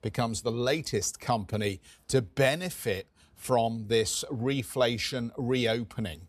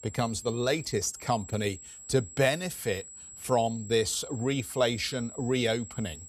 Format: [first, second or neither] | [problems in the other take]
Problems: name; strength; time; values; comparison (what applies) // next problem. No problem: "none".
first | high-pitched whine; noticeable; throughout; 7.5 kHz, 15 dB below the speech